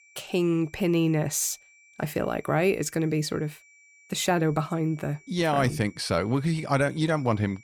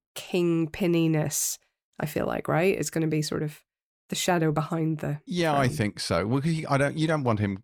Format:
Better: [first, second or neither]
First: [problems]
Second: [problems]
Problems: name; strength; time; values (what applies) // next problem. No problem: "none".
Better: second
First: high-pitched whine; faint; throughout; 2.5 kHz, 25 dB below the speech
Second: none